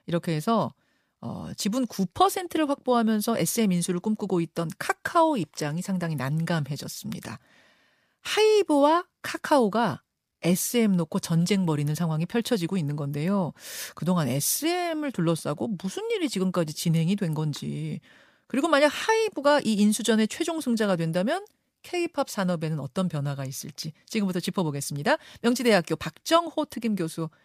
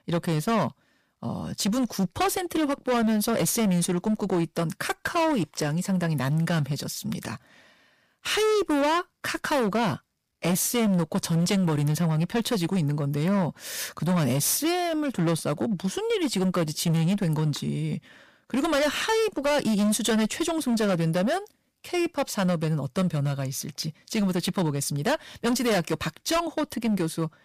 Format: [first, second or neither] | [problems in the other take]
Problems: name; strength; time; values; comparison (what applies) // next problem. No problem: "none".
first | distortion; heavy; 16% of the sound clipped